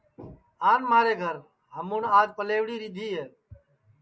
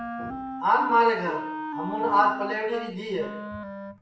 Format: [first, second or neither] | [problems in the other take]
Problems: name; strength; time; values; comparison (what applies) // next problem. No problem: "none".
first | background sound (Wind instrument, woodwind instrument); 9 dB below the speech // room echo; dies away in 0.6 s